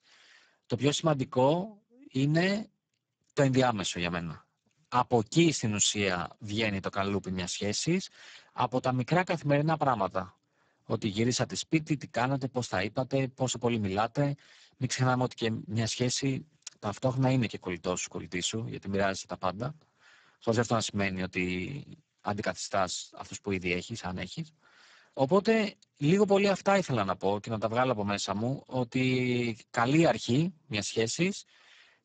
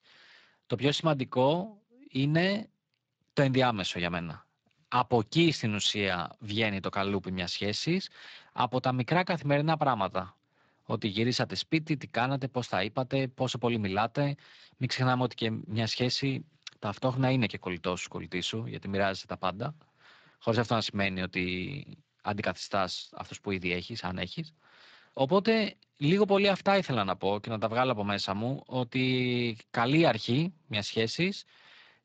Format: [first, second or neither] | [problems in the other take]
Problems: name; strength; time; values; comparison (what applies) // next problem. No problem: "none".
second | garbled, watery; badly; nothing above 7.5 kHz; slightly in the second